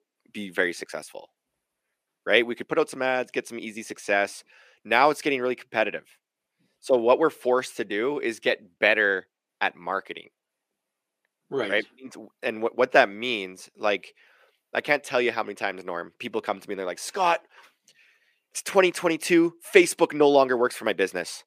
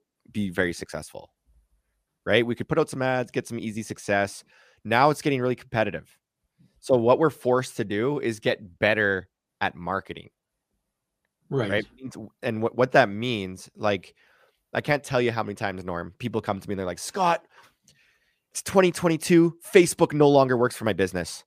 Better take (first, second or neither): second